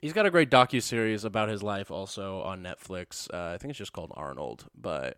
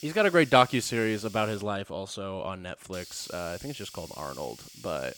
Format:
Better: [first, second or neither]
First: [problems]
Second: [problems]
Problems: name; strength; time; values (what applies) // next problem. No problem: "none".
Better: first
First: none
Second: hiss; noticeable; throughout; 20 dB below the speech